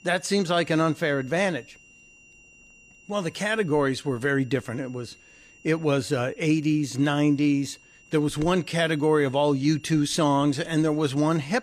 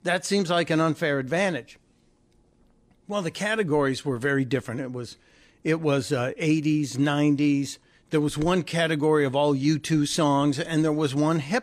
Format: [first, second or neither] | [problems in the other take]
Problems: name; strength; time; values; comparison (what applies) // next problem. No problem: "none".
second | high-pitched whine; faint; throughout; 3 kHz, 25 dB below the speech